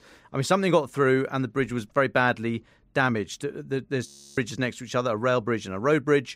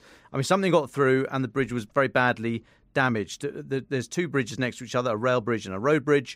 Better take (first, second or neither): second